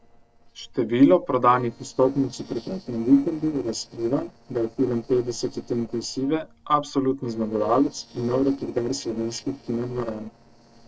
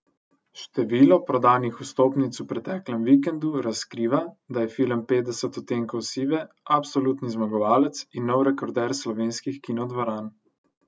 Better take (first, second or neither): second